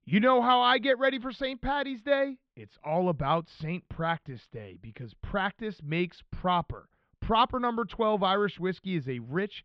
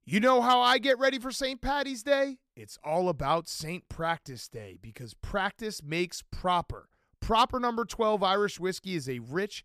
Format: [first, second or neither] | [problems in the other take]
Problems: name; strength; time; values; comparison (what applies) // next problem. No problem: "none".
second | muffled; slightly; fading above 3.5 kHz